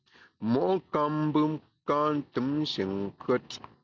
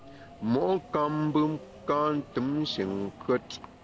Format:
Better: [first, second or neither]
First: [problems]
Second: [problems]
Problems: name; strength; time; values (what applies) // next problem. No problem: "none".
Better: first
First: none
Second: background sound (Subway, metro, underground); 19 dB below the speech